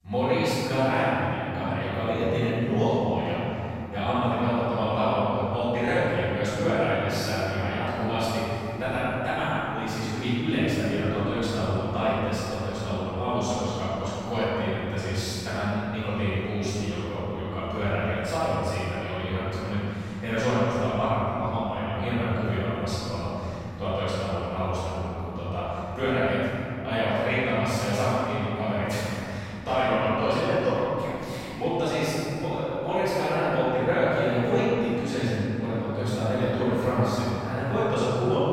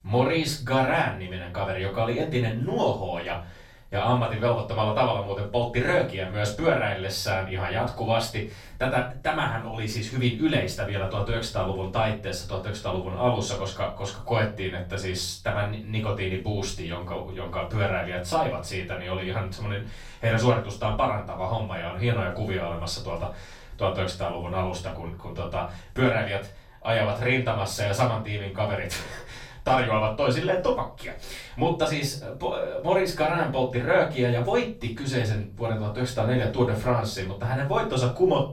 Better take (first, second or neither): second